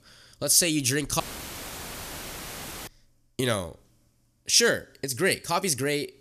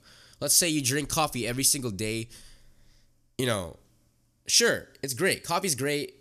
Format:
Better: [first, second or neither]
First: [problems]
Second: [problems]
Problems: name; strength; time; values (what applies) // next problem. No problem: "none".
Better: second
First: audio cutting out; filled with static; at 1 s for 1.5 s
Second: none